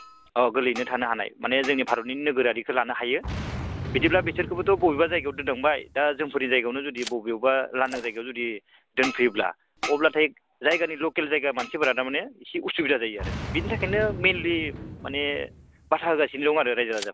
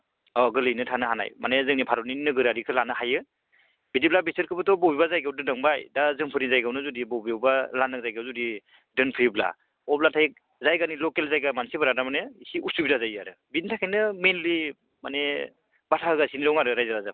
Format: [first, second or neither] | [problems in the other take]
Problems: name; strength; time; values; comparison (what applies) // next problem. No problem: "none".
second | background sound (Boom); 12 dB below the speech